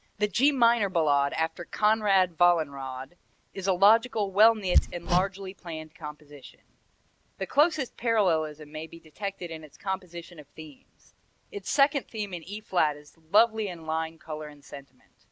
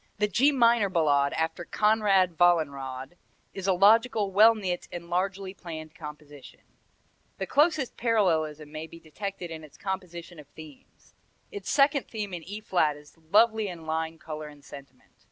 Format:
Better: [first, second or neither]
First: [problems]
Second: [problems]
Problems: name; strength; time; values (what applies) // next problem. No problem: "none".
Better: second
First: background sound (Hammer); as loud as the speech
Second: none